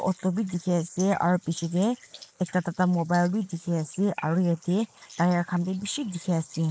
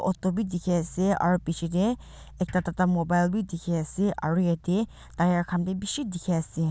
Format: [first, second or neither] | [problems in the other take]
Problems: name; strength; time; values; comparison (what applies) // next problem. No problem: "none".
second | noise reduction (neural mask model Resemble Enhance denoiser)